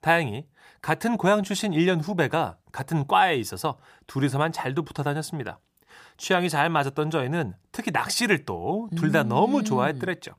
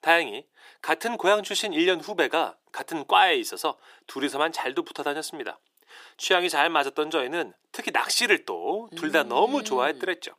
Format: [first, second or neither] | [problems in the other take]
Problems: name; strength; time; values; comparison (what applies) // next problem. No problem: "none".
first | thin; somewhat; fading below 350 Hz